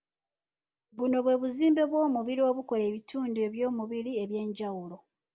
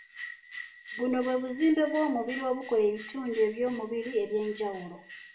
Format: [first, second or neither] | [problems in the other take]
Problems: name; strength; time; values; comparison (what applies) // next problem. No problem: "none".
first | background sound (Bell); 16 dB below the speech // room echo; dies away in 0.4 s